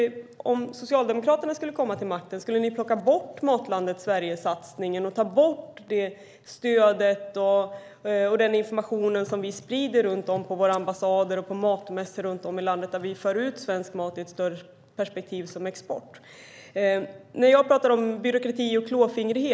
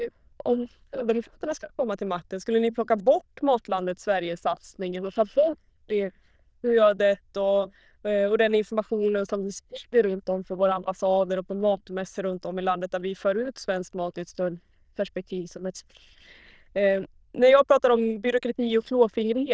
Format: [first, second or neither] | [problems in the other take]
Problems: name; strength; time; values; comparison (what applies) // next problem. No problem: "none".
first | noise reduction (neural diffusion model UNIVERSE++)